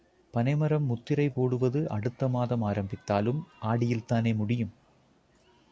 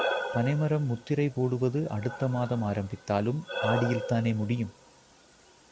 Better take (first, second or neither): first